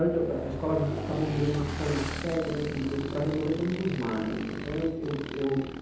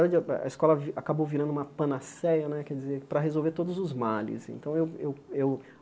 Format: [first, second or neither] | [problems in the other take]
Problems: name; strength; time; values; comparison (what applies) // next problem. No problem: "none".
second | background sound (Motorcycle / Engine); 6 dB below the speech // room echo; dies away in 0.9 s